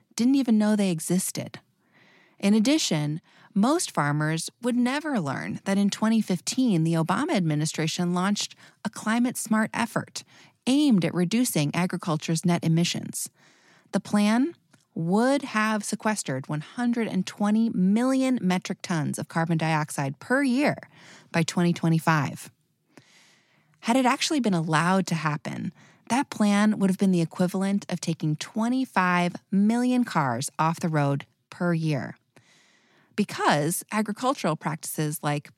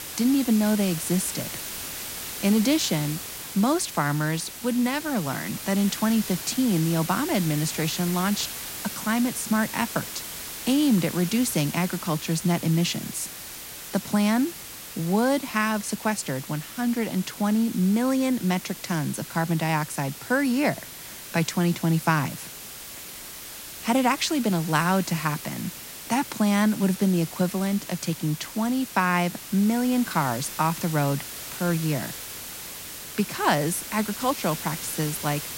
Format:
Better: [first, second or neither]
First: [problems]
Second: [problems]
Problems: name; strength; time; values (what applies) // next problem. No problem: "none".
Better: first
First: none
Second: hiss; loud; throughout; 9 dB below the speech